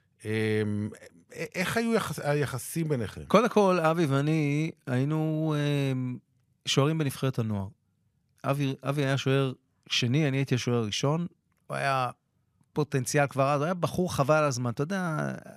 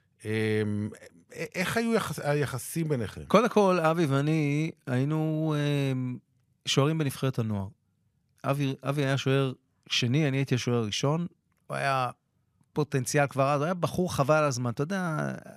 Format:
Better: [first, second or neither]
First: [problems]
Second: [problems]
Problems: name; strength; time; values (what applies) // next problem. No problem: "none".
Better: neither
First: none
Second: none